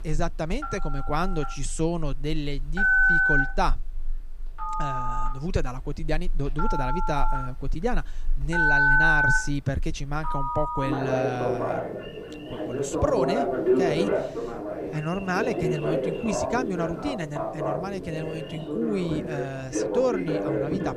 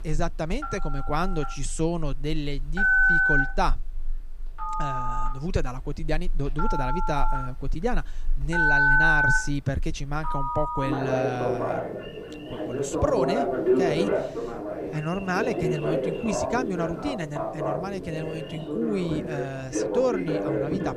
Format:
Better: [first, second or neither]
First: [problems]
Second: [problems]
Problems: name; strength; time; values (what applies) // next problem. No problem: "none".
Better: neither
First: alarms or sirens; very loud; throughout; 4 dB above the speech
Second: alarms or sirens; very loud; throughout; 4 dB above the speech